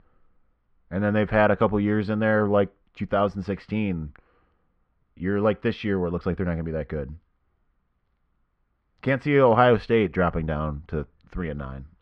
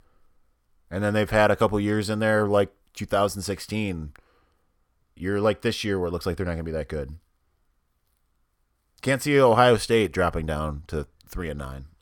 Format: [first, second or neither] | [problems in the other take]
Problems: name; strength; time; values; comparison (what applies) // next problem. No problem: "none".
second | muffled; very; fading above 2.5 kHz